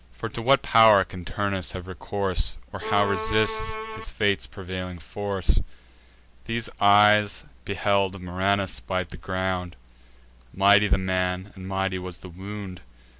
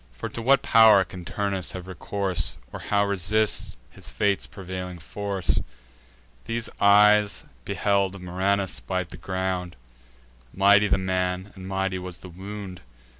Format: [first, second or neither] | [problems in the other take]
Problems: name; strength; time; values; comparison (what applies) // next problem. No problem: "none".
second | background sound (Bowed string instrument); 6 dB below the speech